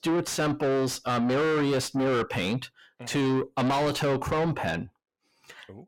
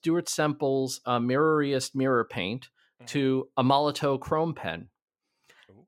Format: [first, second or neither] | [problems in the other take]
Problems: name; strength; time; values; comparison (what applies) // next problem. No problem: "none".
second | distortion; heavy; 6 dB below the speech